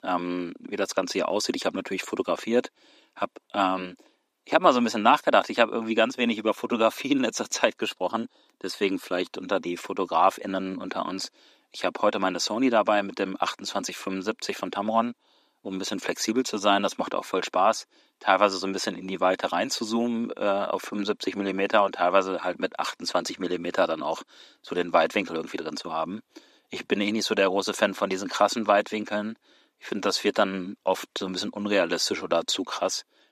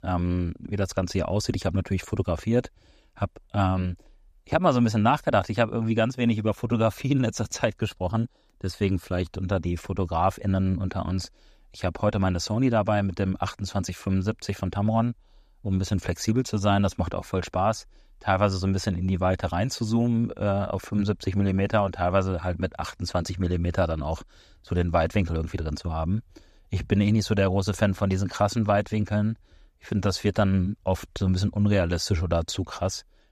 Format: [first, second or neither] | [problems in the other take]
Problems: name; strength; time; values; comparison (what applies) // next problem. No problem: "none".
second | thin; somewhat; fading below 300 Hz